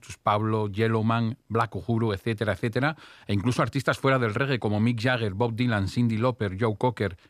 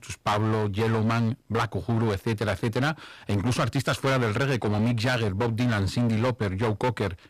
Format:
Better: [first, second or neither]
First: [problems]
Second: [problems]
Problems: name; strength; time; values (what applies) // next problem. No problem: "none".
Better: first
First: none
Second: distortion; heavy; 22% of the sound clipped